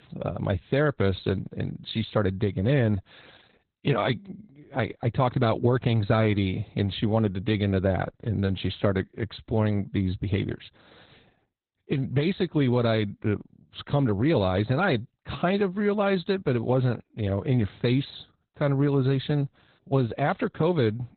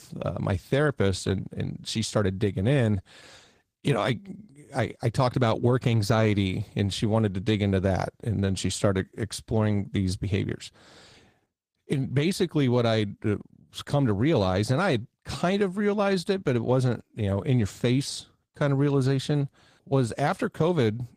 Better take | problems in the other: second | garbled, watery; badly; nothing above 4 kHz; slightly in the second

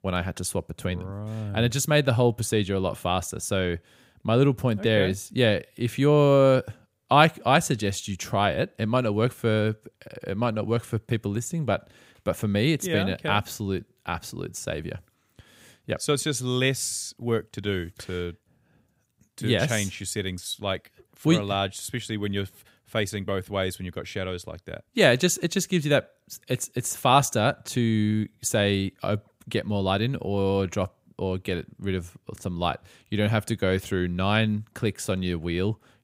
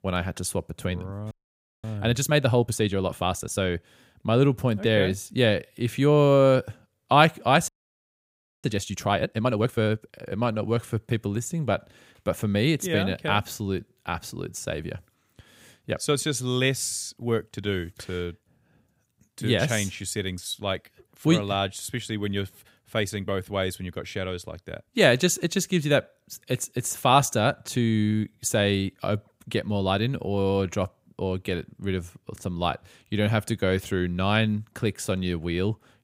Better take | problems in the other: first | audio freezing; at 1.5 s for 0.5 s and at 7.5 s for 1 s

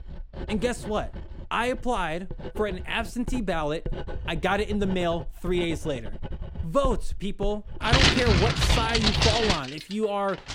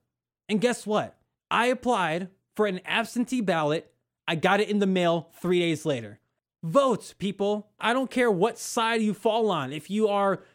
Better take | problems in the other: second | household noises; very loud; throughout; 1 dB above the speech

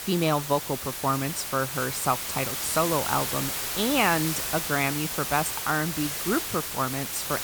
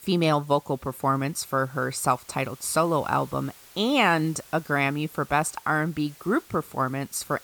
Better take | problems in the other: second | hiss; loud; throughout; 2 dB below the speech; faint in the second

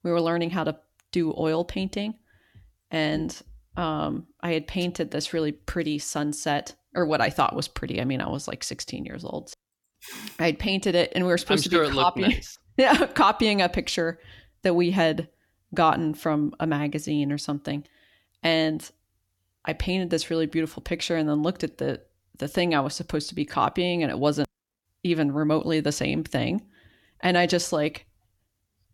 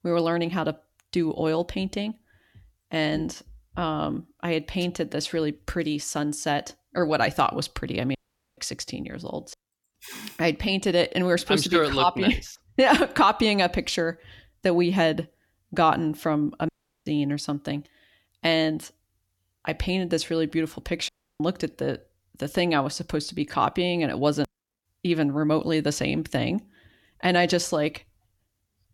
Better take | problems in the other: first | audio cutting out; at 8 s, at 17 s and at 21 s

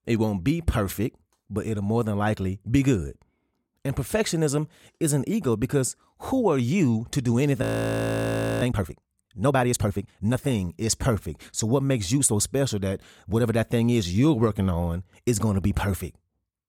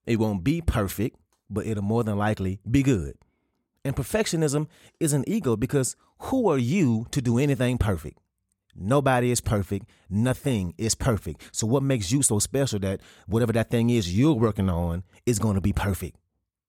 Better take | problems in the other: second | audio freezing; at 7.5 s for 1 s

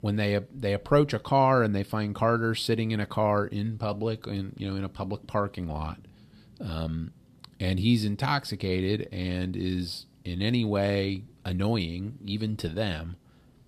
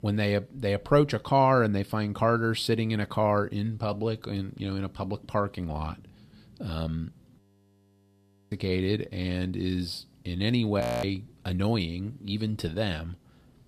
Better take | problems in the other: first | audio freezing; at 7.5 s for 1 s and at 11 s

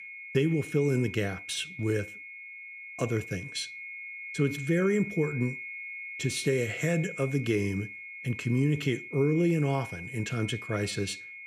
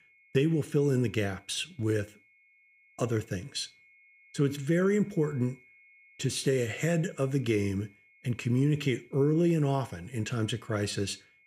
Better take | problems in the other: second | high-pitched whine; loud; throughout; 2 kHz, 10 dB below the speech; faint in the second

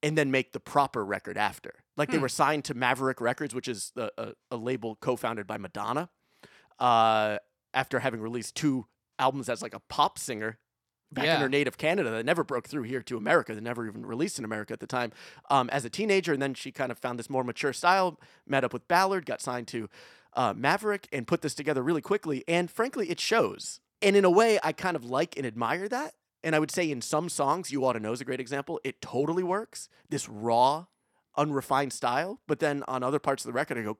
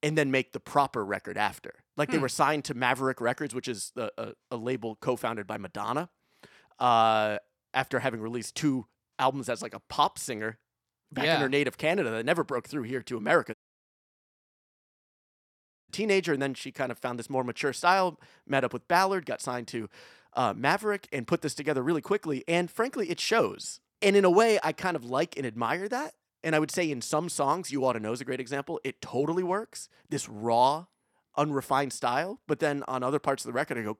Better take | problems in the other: first | audio cutting out; at 14 s for 2.5 s

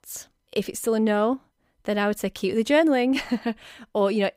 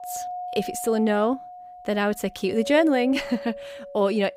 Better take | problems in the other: first | doorbell; noticeable; peak 9 dB below the speech

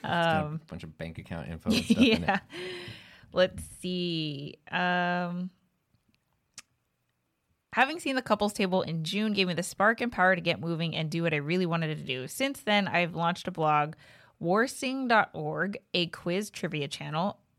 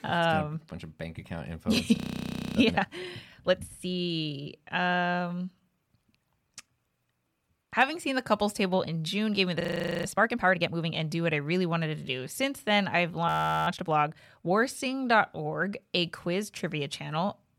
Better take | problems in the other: first | audio freezing; at 2 s for 0.5 s, at 9.5 s and at 13 s

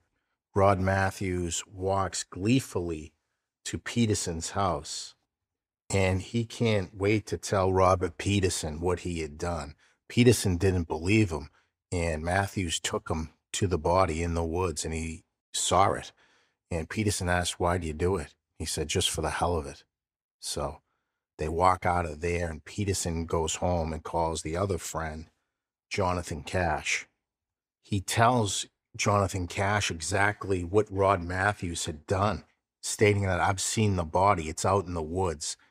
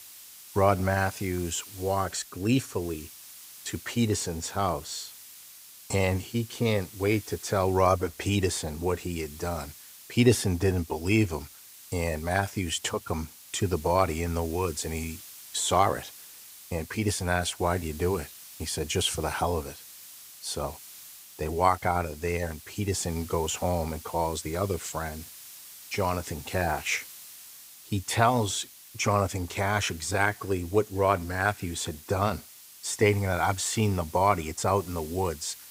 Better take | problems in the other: first | hiss; noticeable; throughout; 15 dB below the speech

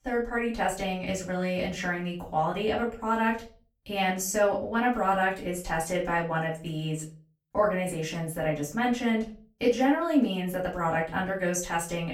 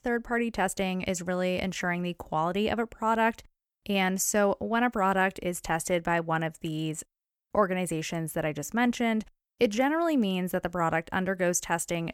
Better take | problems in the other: second | room echo; slight; dies away in 0.3 s // off-mic speech; far

